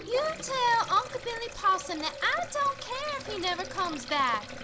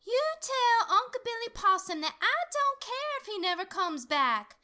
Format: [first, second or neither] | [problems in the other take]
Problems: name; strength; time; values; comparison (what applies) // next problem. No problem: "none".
second | background sound (Sink (filling or washing)); 12 dB below the speech